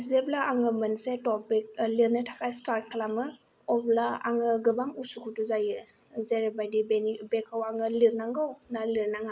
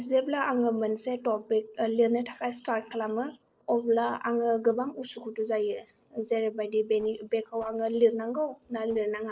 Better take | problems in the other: first | noise reduction (neural separator model SepFormer DNS4)

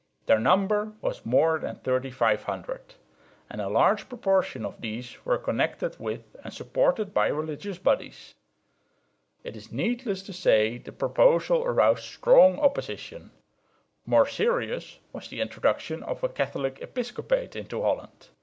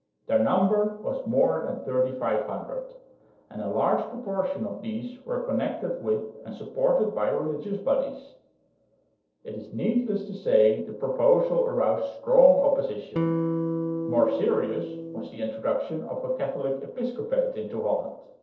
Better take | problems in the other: first | noise reduction (neural separator model SepFormer DNS4)

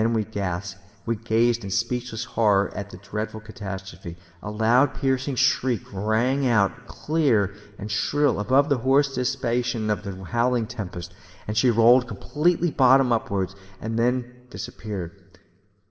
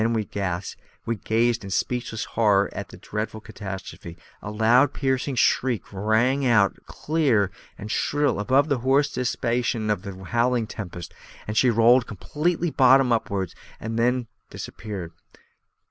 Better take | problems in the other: second | room echo; dies away in 1.4 s

